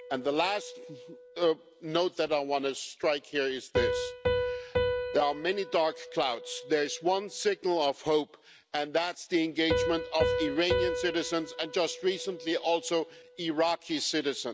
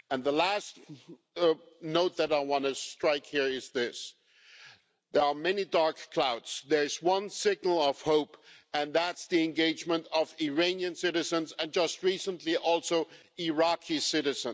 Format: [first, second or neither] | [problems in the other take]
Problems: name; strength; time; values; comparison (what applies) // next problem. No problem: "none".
second | background sound (Piano); 5 dB below the speech